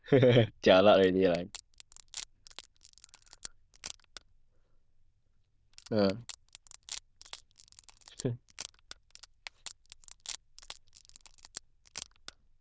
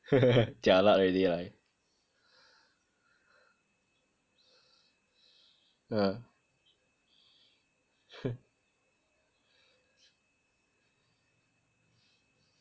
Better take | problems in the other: second | noise reduction (neural diffusion model UNIVERSE++)

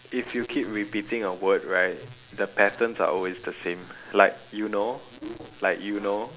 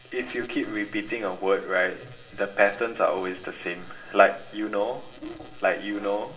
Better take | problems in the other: first | room echo; dies away in 1.3 s

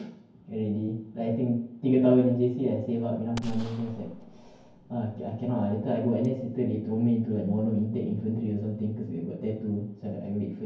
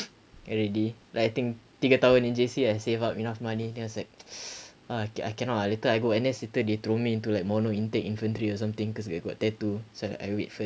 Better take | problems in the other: second | background sound (Gunshot, gunfire); 15 dB below the speech // room echo; dies away in 0.9 s

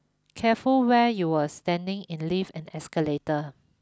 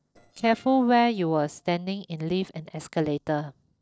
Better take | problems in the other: first | noise reduction (neural separator model SepFormer DNS4)

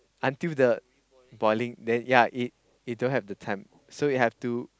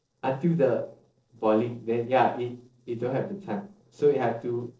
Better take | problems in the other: first | noise reduction (neural separator model SepFormer DNS4)

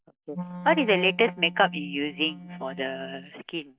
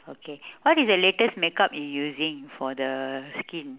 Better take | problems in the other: second | noise reduction (neural mask model DeepFilterNet 3)

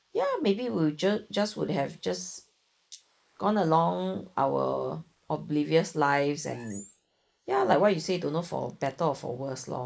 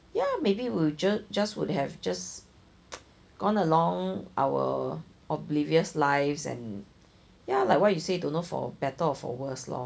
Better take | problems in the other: second | noise reduction (neural mask model Resemble Enhance denoiser)

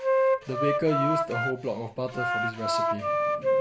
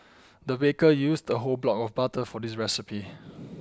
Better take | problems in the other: second | background sound (Wind instrument, woodwind instrument); 5 dB above the speech // room echo; dies away in 0.4 s

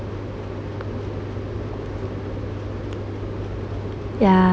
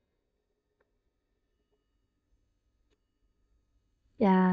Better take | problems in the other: first | noise reduction (neural mask model DeepFilterNet 3)

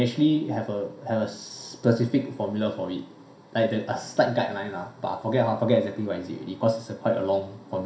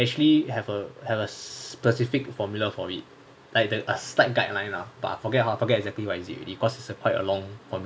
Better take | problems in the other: second | room echo; dies away in 0.5 s

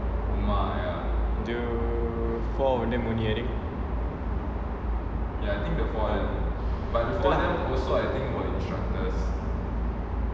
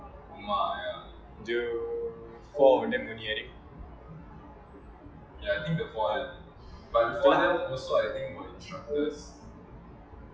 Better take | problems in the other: first | noise reduction (classical method WPE with log-MMSE)

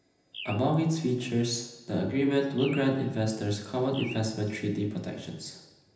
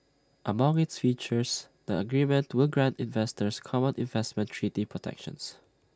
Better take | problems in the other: second | background sound (Bird); 18 dB below the speech // room echo; dies away in 0.9 s

